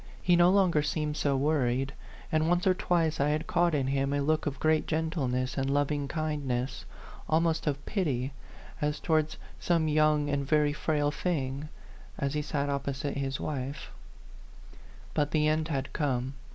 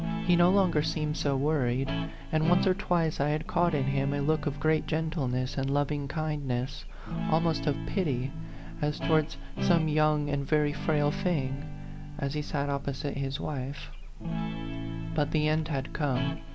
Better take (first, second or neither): first